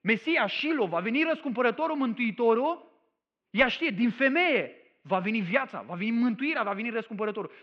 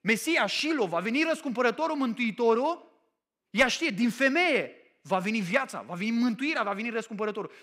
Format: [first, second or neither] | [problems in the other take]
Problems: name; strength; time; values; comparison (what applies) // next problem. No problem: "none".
second | muffled; slightly; fading above 3 kHz